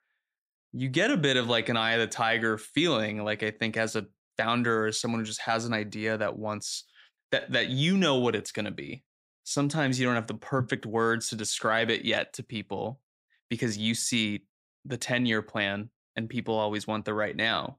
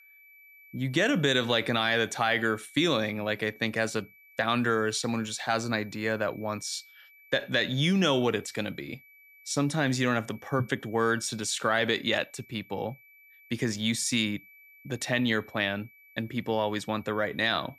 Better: first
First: none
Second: high-pitched whine; faint; throughout; 2.5 kHz, 25 dB below the speech

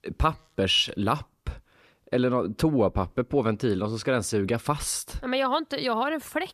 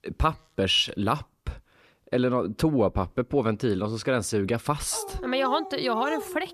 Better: first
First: none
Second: dog barking; noticeable; from 5 s on; peak 8 dB below the speech

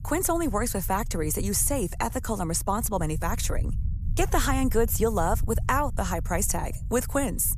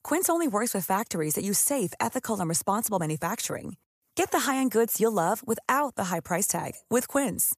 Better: second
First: low rumble; faint; throughout; 20 dB below the speech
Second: none

